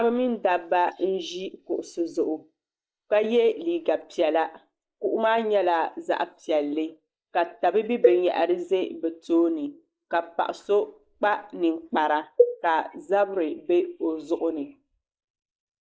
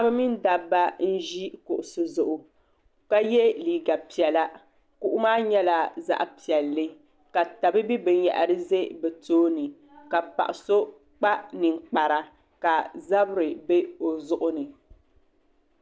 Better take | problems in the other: second | noise reduction (neural mask model Resemble Enhance denoiser)

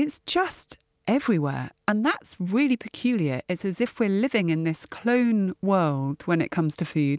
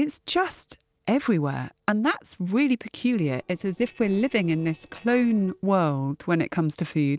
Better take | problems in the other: first | noise reduction (neural separator model SepFormer DNS4)

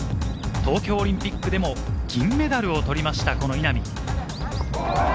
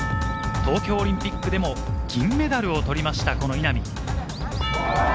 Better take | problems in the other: first | background sound (Church bell / Percussion); 11 dB below the speech

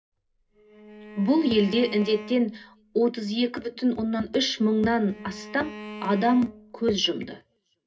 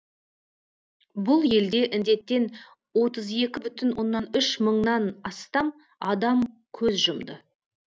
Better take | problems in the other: second | background sound (Bowed string instrument); 16 dB below the speech // room echo; dies away in 0.4 s

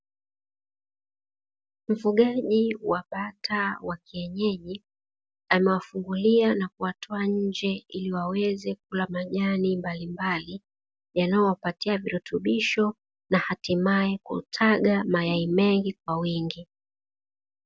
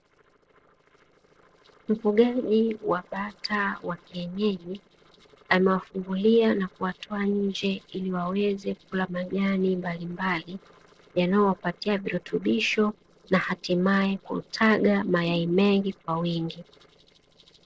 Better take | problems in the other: first | noise reduction (neural separator model SepFormer DNS4)

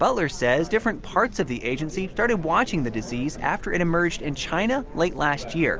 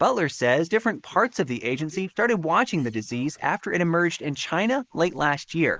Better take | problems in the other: first | noise reduction (neural mask model Resemble Enhance denoiser)

